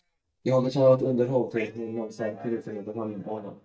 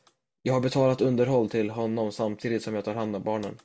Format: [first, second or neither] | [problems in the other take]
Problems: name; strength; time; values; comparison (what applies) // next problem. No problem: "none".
second | noise reduction (neural mask model DeepFilterNet 3)